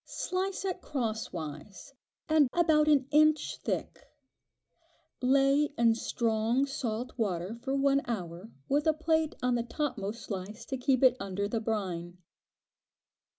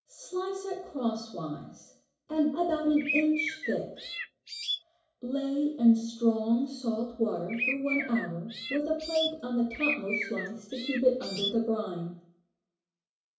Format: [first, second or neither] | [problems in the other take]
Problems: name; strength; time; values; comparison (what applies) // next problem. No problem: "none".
first | background sound (Bird); 5 dB below the speech // room echo; dies away in 0.6 s